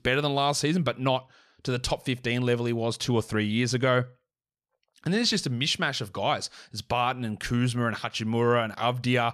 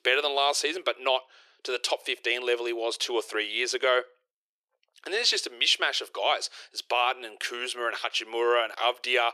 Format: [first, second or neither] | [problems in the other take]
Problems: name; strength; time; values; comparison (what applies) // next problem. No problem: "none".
first | thin; very; fading below 350 Hz